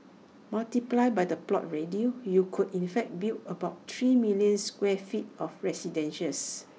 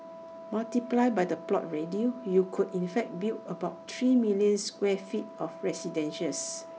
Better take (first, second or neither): first